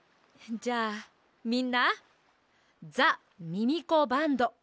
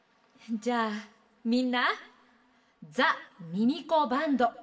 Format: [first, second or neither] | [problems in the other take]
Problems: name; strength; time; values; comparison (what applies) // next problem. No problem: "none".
first | room echo; dies away in 1.2 s